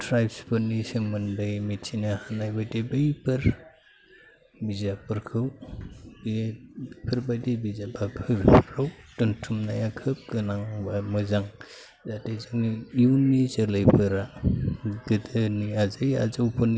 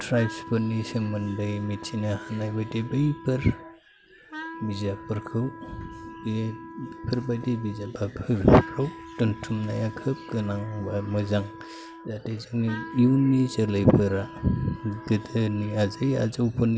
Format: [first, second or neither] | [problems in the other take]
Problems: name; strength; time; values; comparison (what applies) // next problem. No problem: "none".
first | background sound (Wind instrument, woodwind instrument); 16 dB below the speech